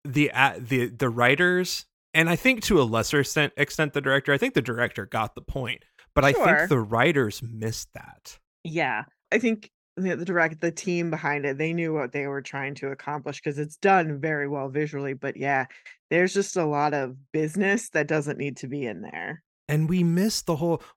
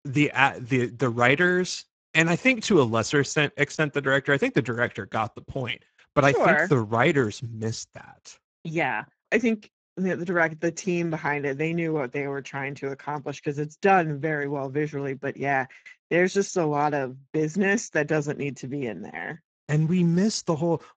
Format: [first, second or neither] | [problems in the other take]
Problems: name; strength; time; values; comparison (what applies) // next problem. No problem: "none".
first | garbled, watery; badly; nothing above 7.5 kHz